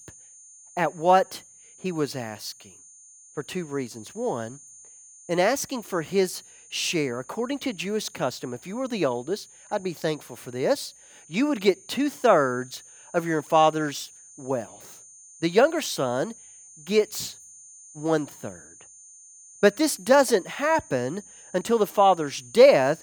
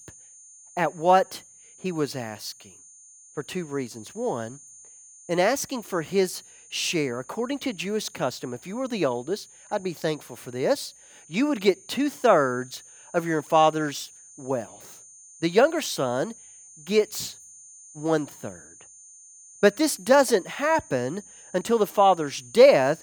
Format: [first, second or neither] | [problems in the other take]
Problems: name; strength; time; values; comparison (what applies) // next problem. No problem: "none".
neither | high-pitched whine; faint; throughout; 6.5 kHz, 20 dB below the speech; the same in both